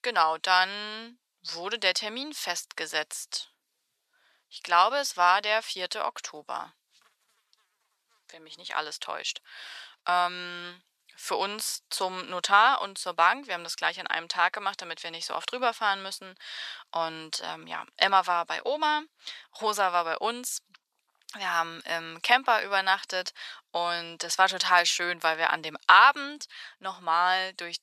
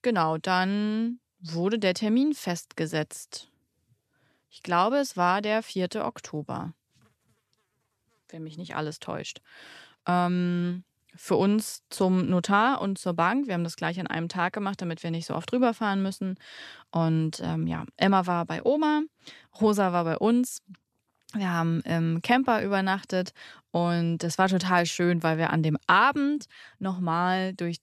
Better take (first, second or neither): second